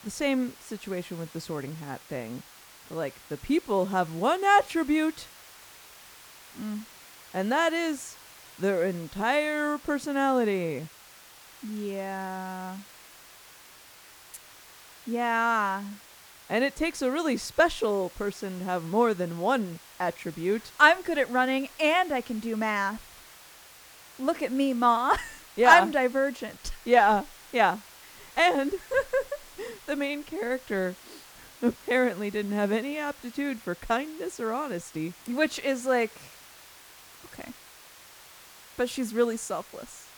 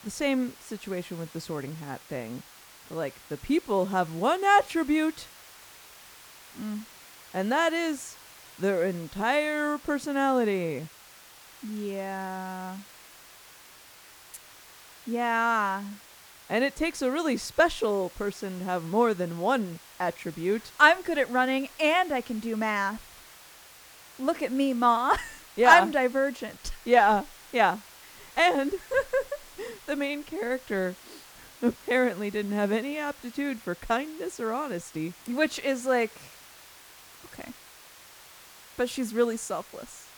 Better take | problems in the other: neither | hiss; faint; throughout; 20 dB below the speech; the same in both

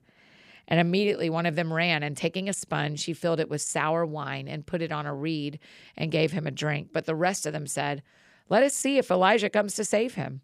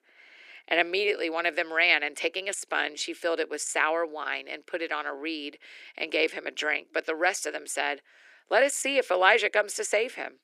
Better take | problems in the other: first | thin; very; fading below 300 Hz

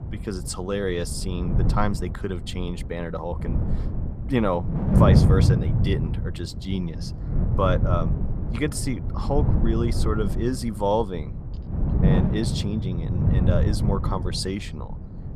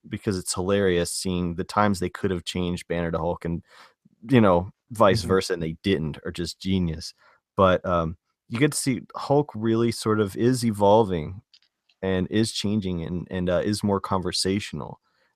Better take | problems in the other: second | wind noise on the microphone; heavy; 5 dB below the speech

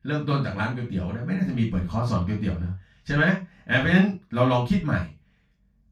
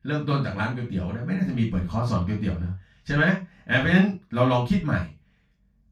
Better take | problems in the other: neither | room echo; noticeable; dies away in 0.2 s; the same in both // off-mic speech; far; the same in both

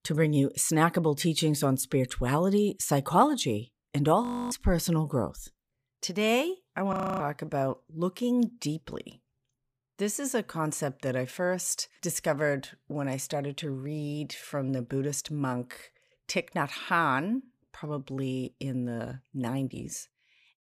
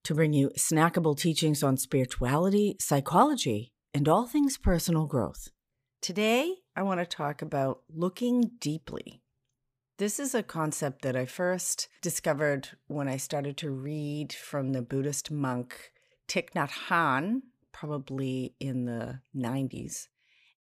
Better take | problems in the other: second | audio freezing; at 4 s and at 7 s

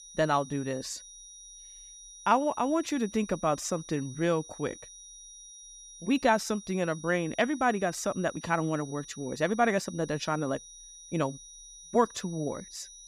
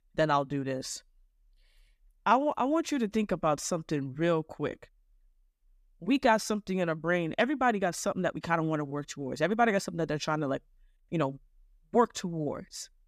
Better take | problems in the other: second | high-pitched whine; noticeable; throughout; 6 kHz, 15 dB below the speech

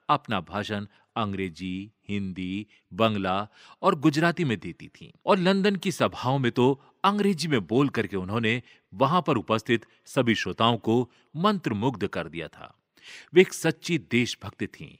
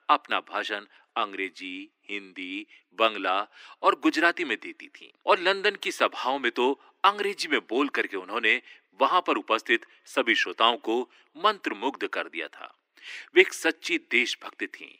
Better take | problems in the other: first | thin; somewhat; fading below 300 Hz

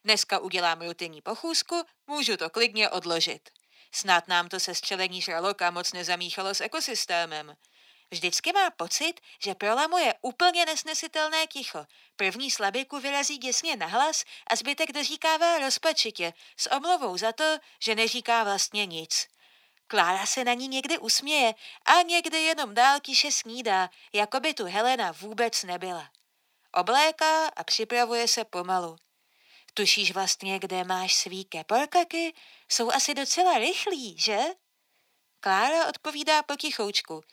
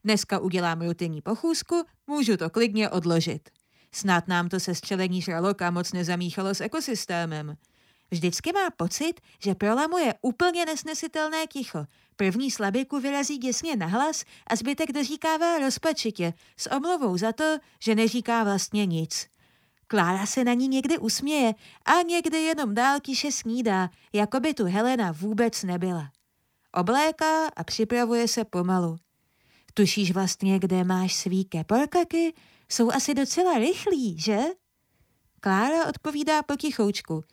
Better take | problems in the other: second | thin; very; fading below 500 Hz

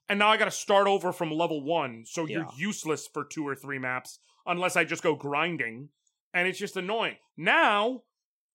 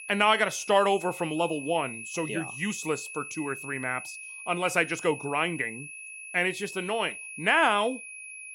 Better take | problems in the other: first | high-pitched whine; noticeable; throughout; 2.5 kHz, 10 dB below the speech

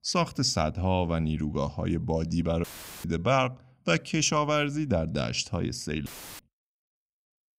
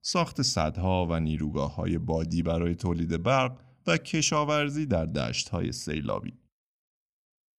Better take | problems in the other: second | audio cutting out; filled with static; at 2.5 s and at 6 s

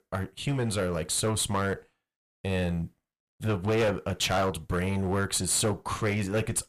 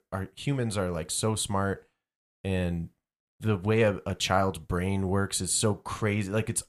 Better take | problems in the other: second | distortion; heavy; 10% of the sound clipped

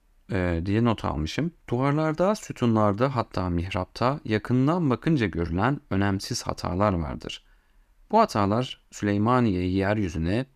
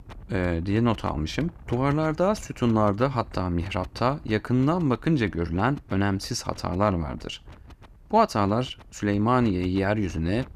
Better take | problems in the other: first | wind noise on the microphone; occasional gusts; 25 dB below the speech

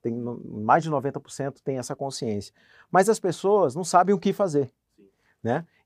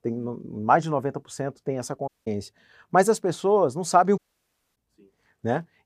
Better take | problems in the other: first | audio cutting out; at 2 s and at 4 s for 0.5 s

